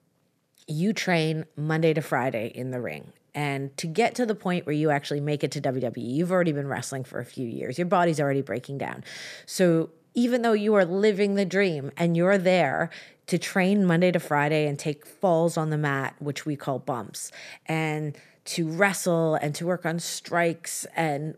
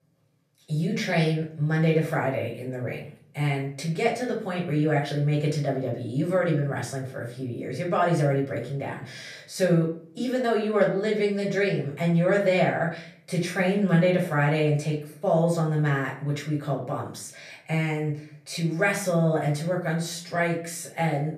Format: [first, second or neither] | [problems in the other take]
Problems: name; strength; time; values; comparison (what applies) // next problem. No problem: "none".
first | room echo; slight; dies away in 0.4 s // off-mic speech; far